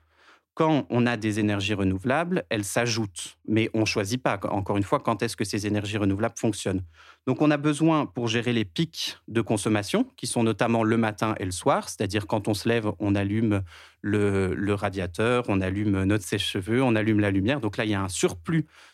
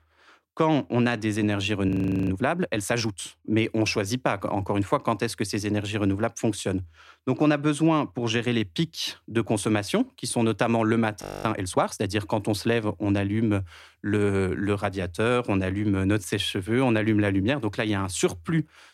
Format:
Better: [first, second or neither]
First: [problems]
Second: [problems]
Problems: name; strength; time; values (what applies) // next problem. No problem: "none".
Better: first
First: none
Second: audio freezing; at 2 s and at 11 s